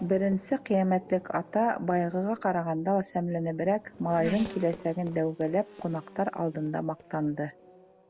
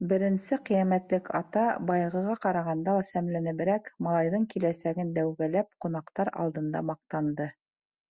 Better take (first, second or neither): second